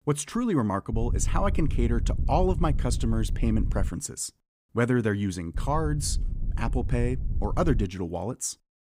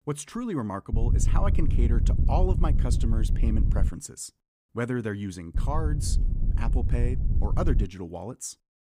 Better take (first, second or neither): first